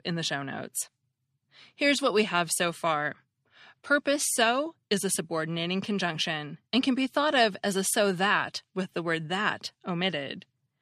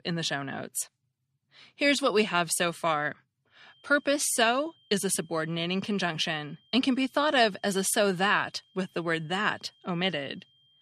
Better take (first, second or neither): first